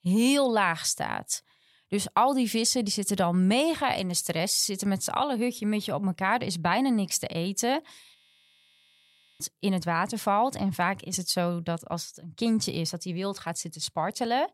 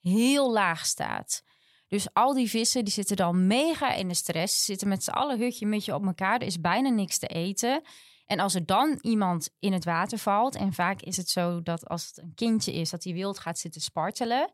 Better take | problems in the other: second | audio freezing; at 8 s for 1.5 s

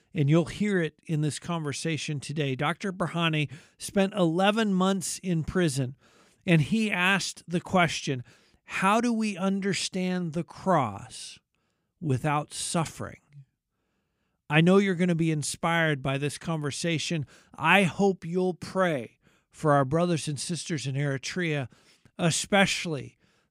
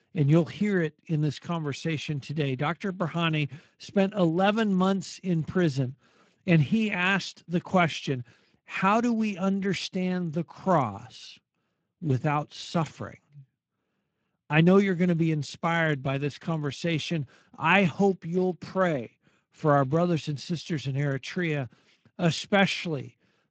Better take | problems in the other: first | garbled, watery; slightly; nothing above 7.5 kHz

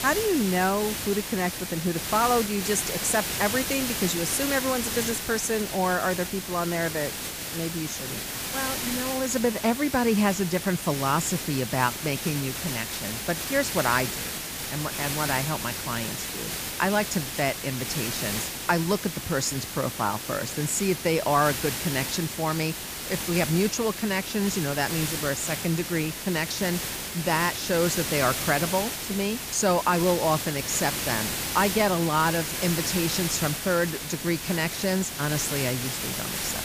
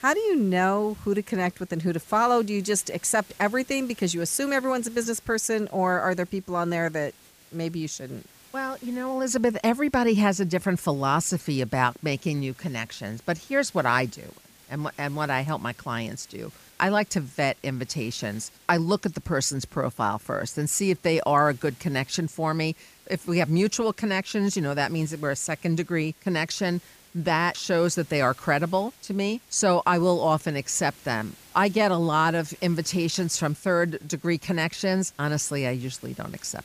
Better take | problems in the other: second | hiss; loud; throughout; 3 dB below the speech; faint in the second

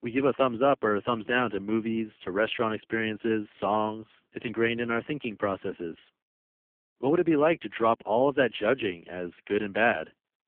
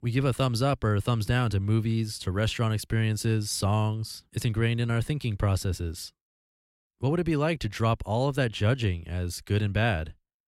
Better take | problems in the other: second | phone-call audio; poor line; nothing above 3 kHz

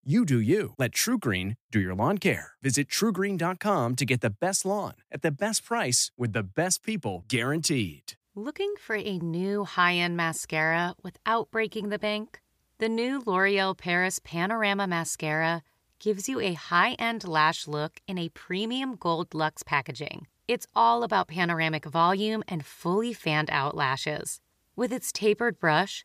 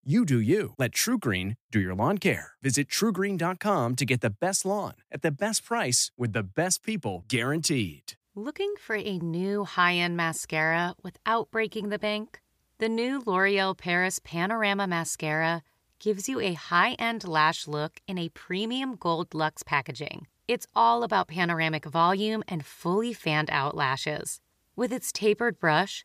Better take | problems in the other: neither | none

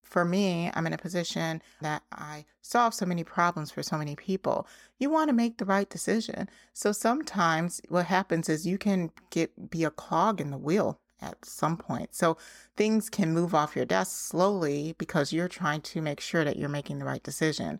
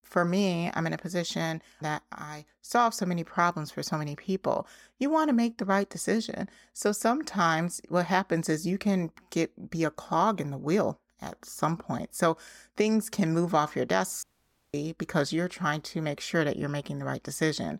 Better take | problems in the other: first | audio cutting out; at 14 s for 0.5 s

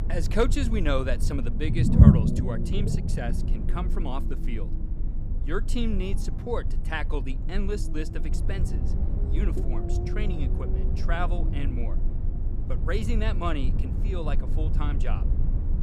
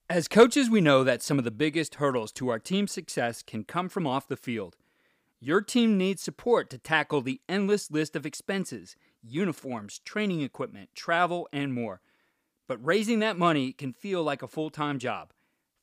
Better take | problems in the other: second | low rumble; loud; throughout; 4 dB below the speech

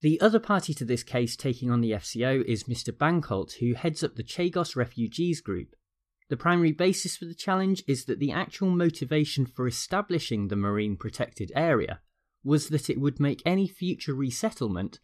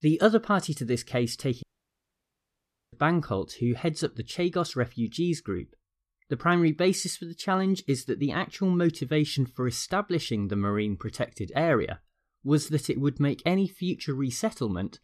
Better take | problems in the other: first | audio cutting out; at 1.5 s for 1.5 s

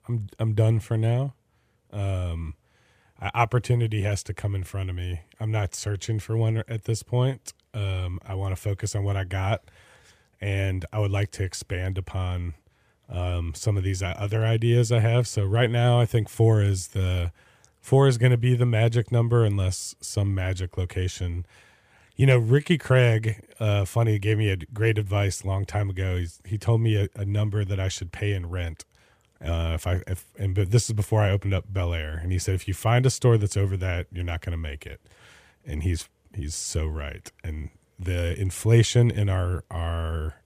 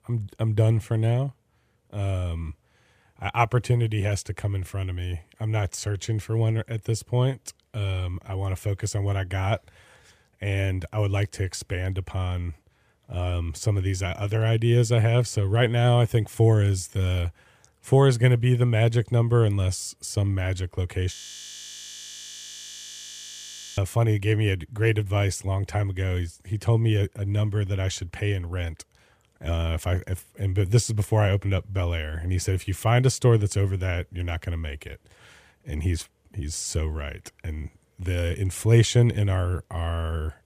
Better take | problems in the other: first | audio freezing; at 21 s for 2.5 s

